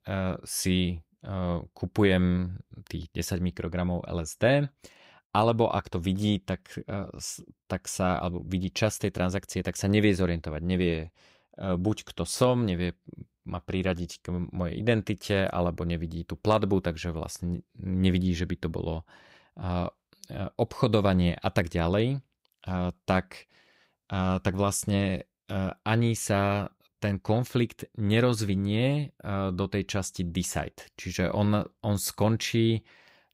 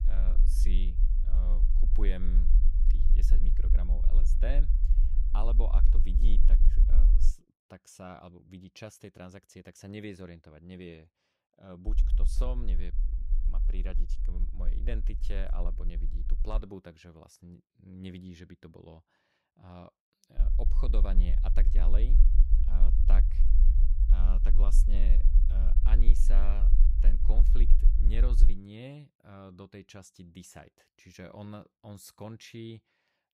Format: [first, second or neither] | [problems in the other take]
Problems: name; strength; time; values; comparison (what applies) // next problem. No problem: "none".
first | low rumble; loud; until 7.5 s, from 12 to 17 s and from 20 to 29 s; 6 dB below the speech